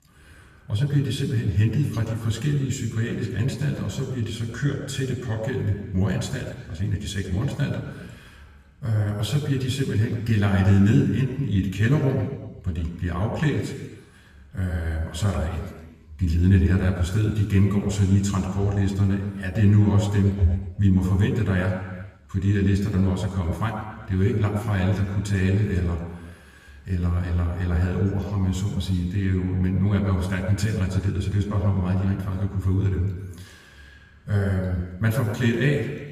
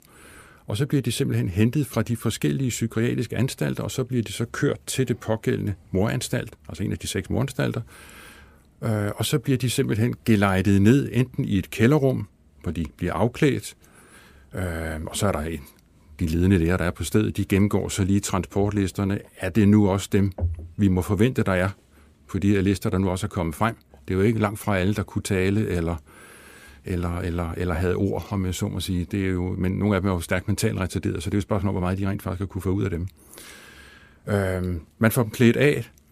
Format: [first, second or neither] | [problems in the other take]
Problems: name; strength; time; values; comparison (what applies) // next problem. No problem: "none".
second | room echo; noticeable; dies away in 1.3 s // off-mic speech; somewhat distant